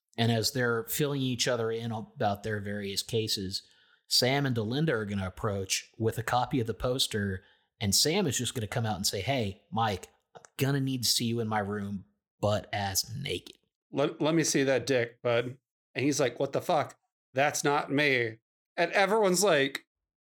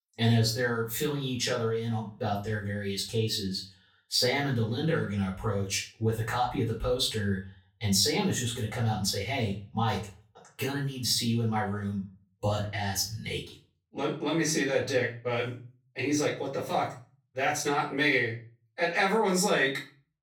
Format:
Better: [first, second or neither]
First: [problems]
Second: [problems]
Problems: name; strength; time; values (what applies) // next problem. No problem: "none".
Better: first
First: none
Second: room echo; slight; dies away in 0.3 s // off-mic speech; far